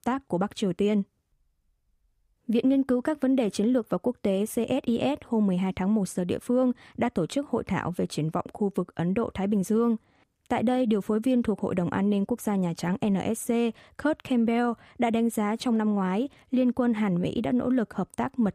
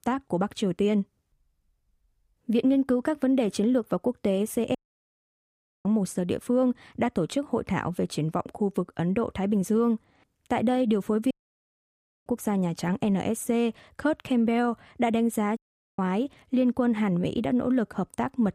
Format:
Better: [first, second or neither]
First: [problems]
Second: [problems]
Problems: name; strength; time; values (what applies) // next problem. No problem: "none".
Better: first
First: none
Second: audio cutting out; at 5 s for 1 s, at 11 s for 1 s and at 16 s